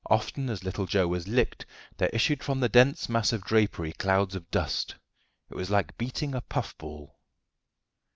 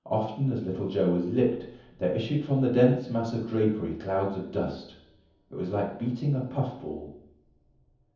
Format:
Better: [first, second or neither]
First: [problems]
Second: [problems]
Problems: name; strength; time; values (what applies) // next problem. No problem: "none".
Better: first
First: none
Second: room echo; dies away in 0.7 s